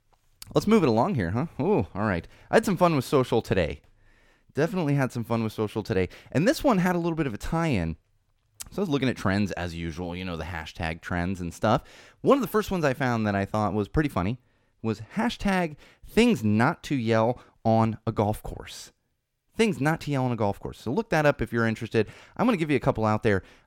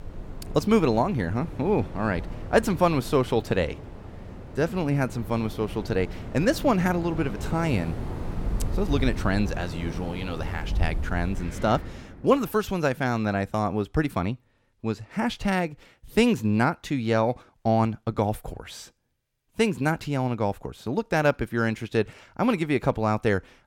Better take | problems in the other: first | wind in the background; loud; until 12 s; 10 dB below the speech

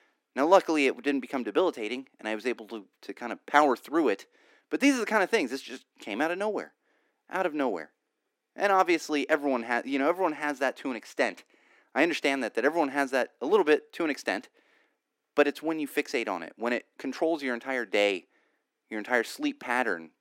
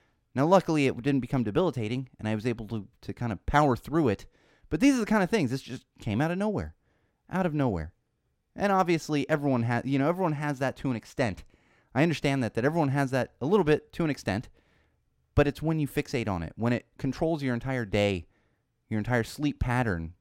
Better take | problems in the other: second | thin; somewhat; fading below 300 Hz

